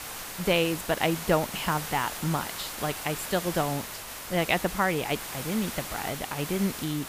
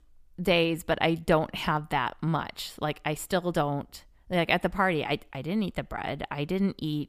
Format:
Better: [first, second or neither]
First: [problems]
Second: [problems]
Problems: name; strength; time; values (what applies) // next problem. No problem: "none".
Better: second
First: hiss; loud; throughout; 6 dB below the speech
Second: none